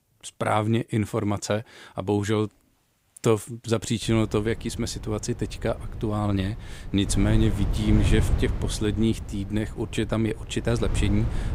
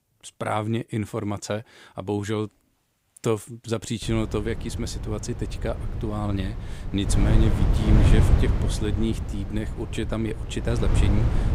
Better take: first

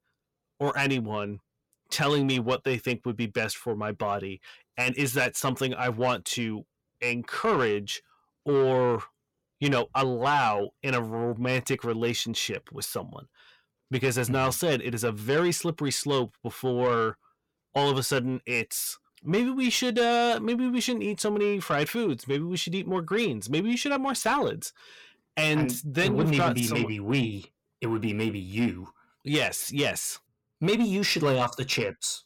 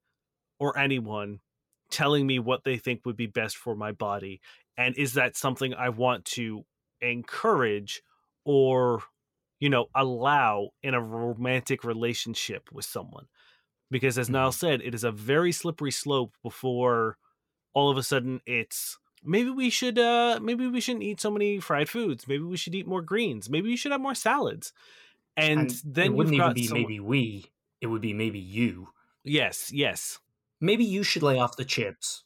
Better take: second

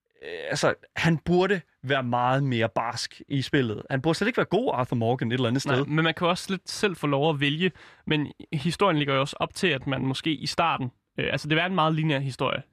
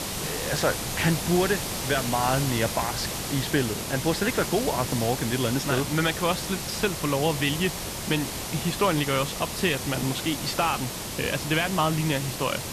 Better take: first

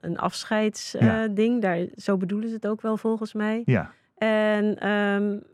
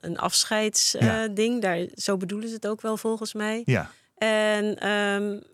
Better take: second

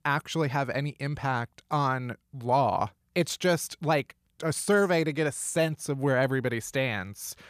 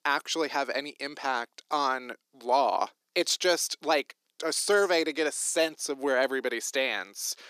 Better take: first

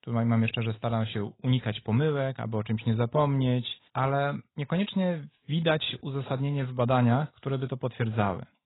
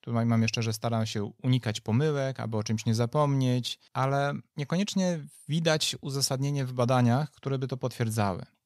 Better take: second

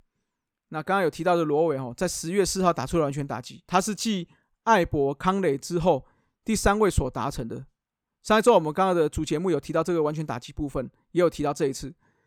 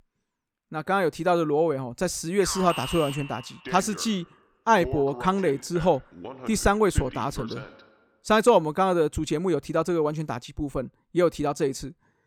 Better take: first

